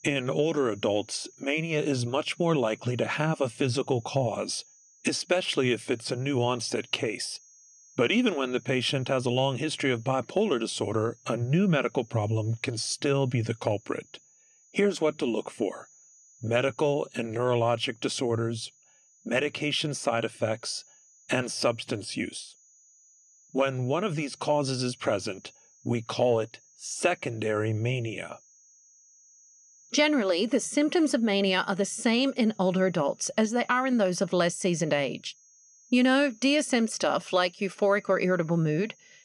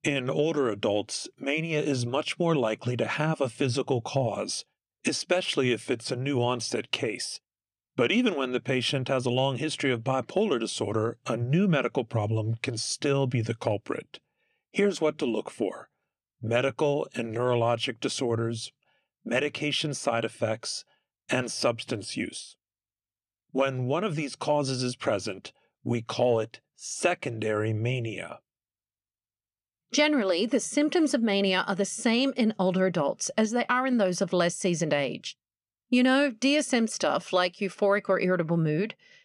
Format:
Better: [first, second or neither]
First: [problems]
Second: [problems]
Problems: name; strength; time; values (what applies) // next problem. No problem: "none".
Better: second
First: high-pitched whine; faint; throughout; 6.5 kHz, 30 dB below the speech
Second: none